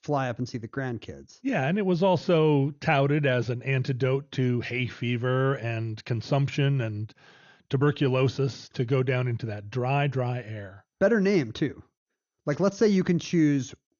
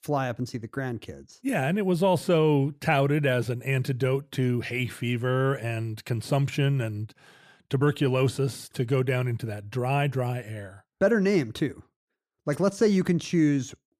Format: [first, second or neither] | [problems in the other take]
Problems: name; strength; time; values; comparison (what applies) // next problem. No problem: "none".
second | garbled, watery; slightly; nothing above 6.5 kHz